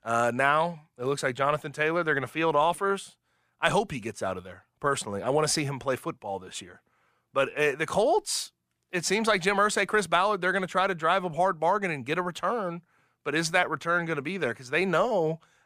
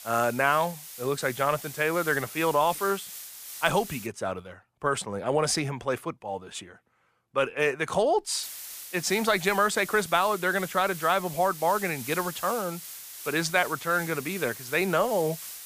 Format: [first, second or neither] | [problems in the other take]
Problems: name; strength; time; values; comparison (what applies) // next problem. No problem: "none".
first | hiss; noticeable; until 4 s and from 8.5 s on; 10 dB below the speech